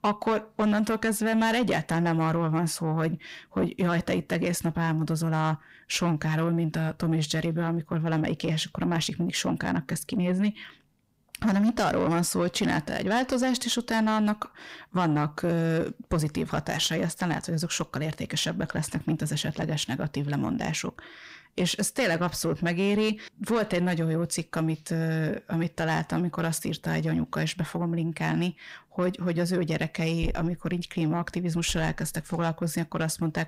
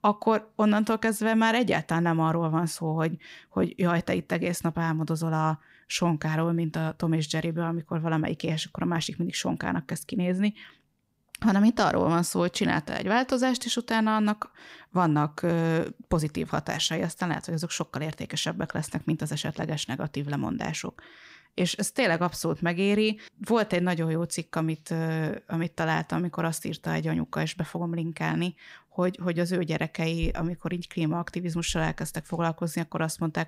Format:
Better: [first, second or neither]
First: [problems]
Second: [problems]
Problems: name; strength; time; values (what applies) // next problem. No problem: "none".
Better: second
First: distortion; slight; 10 dB below the speech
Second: none